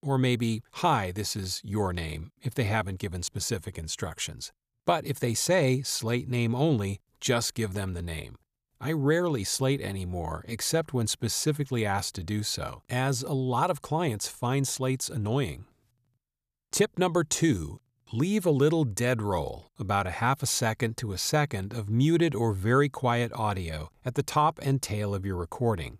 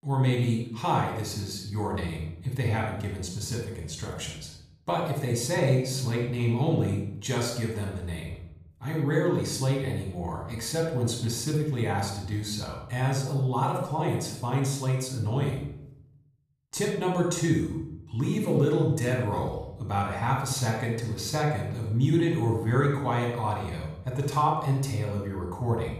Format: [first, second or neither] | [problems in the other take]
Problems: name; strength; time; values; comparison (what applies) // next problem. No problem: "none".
first | off-mic speech; somewhat distant // room echo; noticeable; dies away in 0.7 s